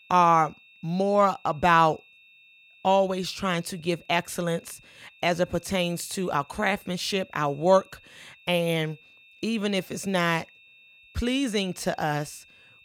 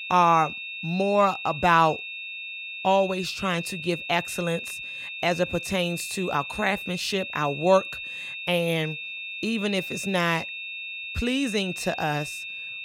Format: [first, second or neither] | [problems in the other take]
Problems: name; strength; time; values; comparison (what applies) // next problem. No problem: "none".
first | high-pitched whine; loud; throughout; 2.5 kHz, 8 dB below the speech; faint in the first